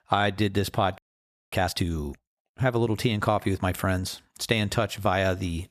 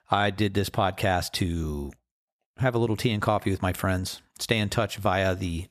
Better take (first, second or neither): second